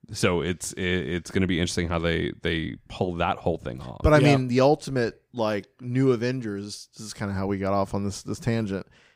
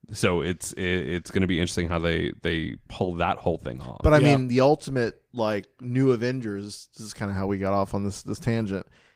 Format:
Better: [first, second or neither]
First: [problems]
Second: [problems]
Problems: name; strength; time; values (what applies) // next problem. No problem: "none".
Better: first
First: none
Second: garbled, watery; slightly; nothing above 15.5 kHz